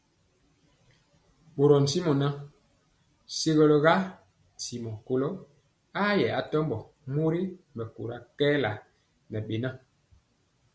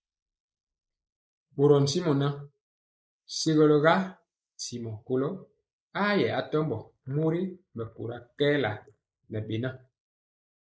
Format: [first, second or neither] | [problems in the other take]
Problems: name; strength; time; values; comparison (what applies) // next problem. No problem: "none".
first | noise reduction (neural mask model Resemble Enhance denoiser)